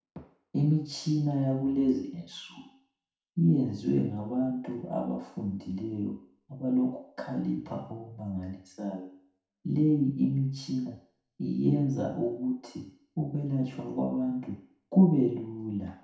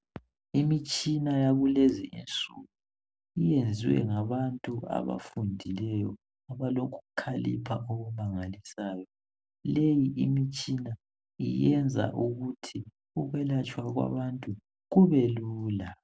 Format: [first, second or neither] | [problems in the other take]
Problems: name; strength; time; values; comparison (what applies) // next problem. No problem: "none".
second | room echo; dies away in 0.6 s